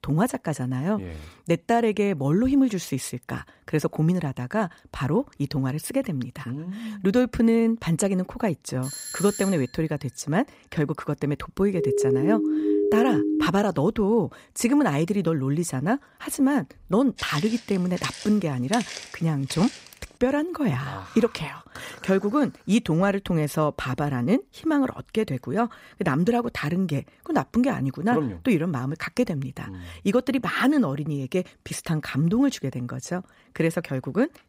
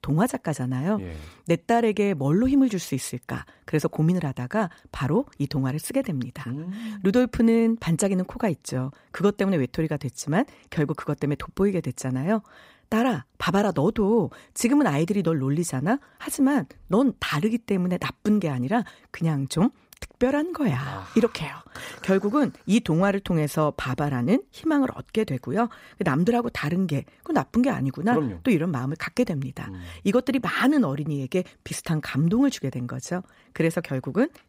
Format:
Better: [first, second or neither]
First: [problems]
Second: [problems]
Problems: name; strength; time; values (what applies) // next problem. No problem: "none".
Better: second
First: doorbell; noticeable; at 9 s; peak 7 dB below the speech // siren; loud; from 12 to 13 s; peak 3 dB above the speech // footsteps; noticeable; from 17 to 20 s; peak 7 dB below the speech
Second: none